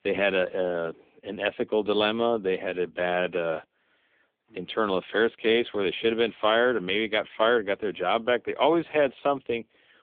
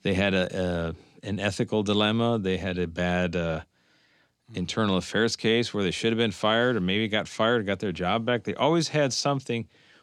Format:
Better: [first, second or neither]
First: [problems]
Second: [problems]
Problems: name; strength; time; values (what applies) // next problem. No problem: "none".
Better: second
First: phone-call audio; poor line; nothing above 3.5 kHz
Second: none